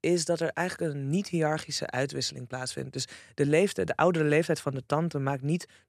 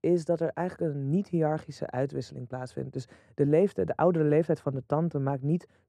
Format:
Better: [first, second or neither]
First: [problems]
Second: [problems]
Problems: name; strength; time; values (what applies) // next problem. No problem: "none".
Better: first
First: none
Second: muffled; very; fading above 1.5 kHz